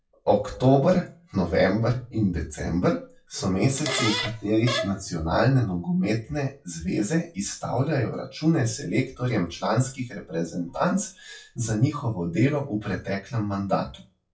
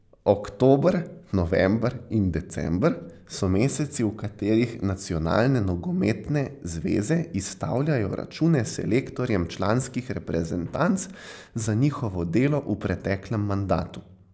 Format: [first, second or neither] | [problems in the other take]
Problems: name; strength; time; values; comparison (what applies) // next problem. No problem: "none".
second | noise reduction (classical method WPE with log-MMSE)